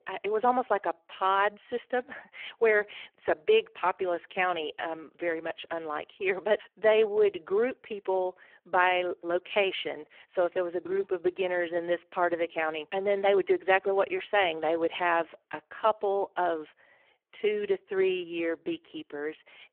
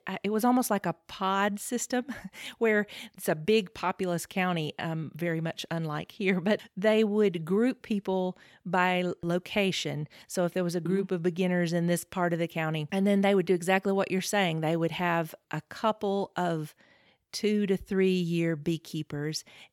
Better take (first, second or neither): second